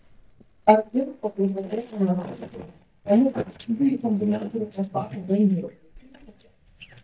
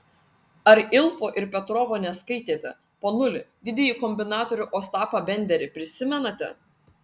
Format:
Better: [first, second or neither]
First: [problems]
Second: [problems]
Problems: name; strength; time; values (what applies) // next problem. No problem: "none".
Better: second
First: noise reduction (neural mask model DeepFilterNet 3)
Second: none